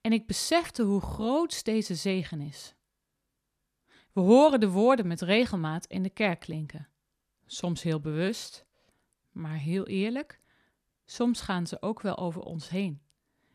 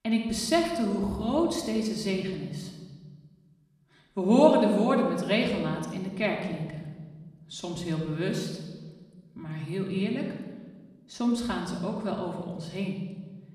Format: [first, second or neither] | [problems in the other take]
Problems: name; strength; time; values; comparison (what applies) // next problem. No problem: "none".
first | room echo; noticeable; dies away in 1.2 s // off-mic speech; far